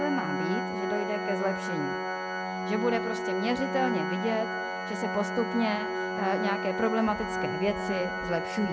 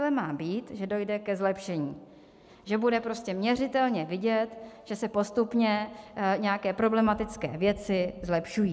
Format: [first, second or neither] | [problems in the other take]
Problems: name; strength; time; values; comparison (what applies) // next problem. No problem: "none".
second | background sound (Organ); 1 dB below the speech